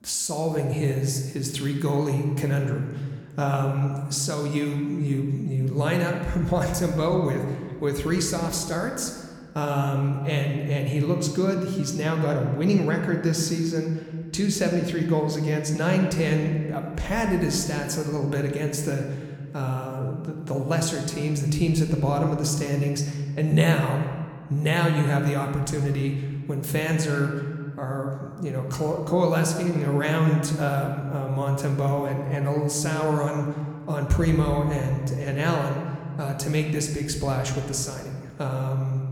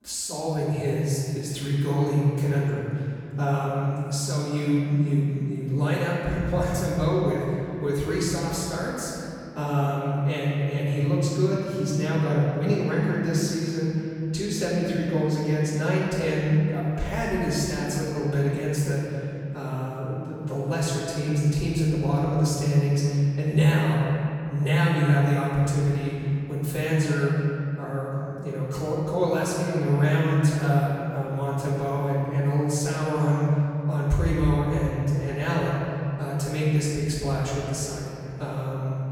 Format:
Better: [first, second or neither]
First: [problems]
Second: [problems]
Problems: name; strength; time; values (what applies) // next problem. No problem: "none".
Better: first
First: room echo; slight; dies away in 1.5 s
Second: room echo; strong; dies away in 2.6 s // off-mic speech; far